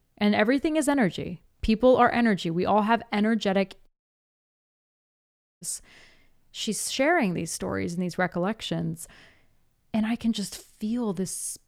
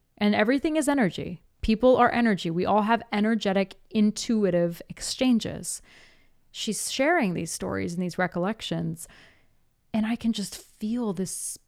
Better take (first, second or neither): second